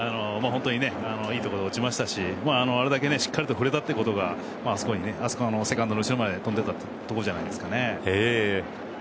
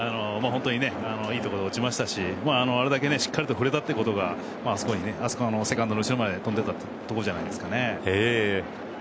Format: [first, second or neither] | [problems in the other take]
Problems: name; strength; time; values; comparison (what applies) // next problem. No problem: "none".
first | background sound (Fart); 19 dB below the speech